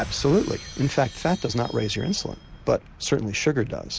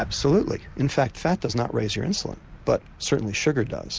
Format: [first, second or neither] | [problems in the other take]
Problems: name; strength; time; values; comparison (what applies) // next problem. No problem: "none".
second | background sound (Shatter); 20 dB below the speech